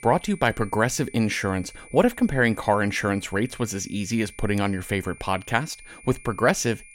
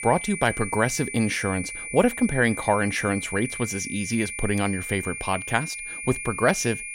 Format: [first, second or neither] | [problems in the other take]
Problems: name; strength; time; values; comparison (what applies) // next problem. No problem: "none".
first | high-pitched whine; loud; throughout; 2.5 kHz, 7 dB below the speech; faint in the first